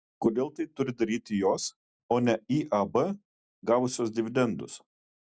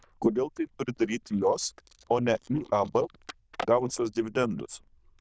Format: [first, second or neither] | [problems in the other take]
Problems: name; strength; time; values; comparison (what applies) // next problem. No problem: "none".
first | noise reduction (neural diffusion model UNIVERSE++)